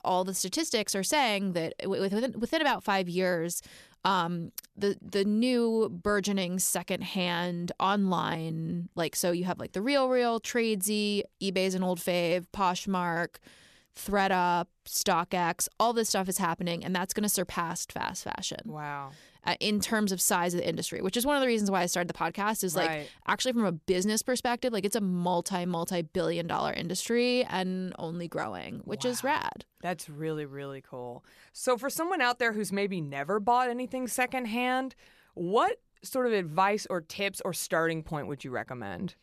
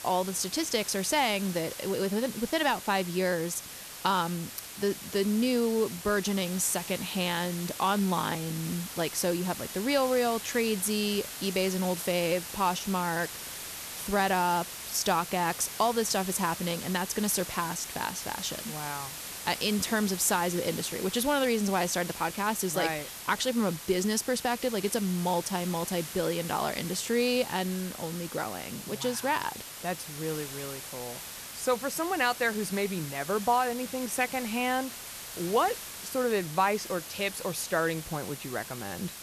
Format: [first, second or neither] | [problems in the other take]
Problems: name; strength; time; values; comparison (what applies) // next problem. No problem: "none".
first | hiss; loud; throughout; 9 dB below the speech